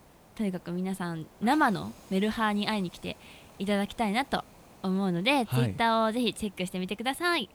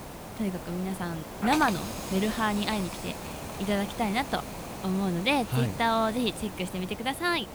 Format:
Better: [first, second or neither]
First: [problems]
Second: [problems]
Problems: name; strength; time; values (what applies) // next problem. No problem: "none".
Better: first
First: hiss; faint; throughout; 25 dB below the speech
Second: hiss; loud; throughout; 9 dB below the speech